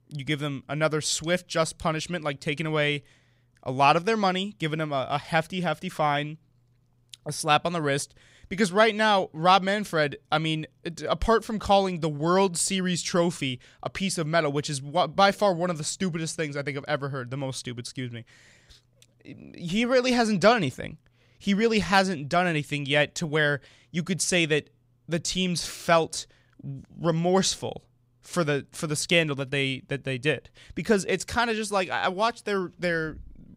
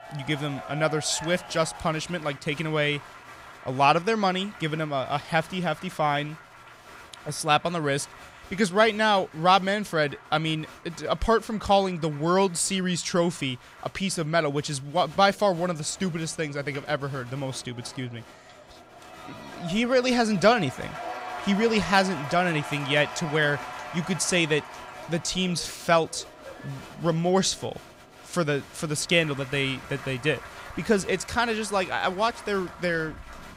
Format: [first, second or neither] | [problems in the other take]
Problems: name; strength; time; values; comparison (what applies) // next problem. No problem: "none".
first | crowd noise; noticeable; throughout; 15 dB below the speech